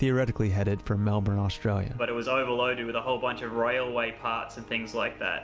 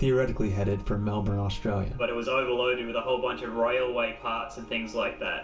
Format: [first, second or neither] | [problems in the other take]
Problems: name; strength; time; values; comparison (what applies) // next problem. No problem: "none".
first | room echo; dies away in 0.2 s